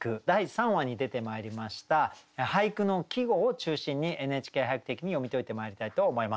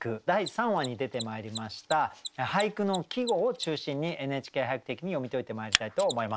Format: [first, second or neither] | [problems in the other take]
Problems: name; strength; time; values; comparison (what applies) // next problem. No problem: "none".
first | background sound (Mechanisms); 10 dB below the speech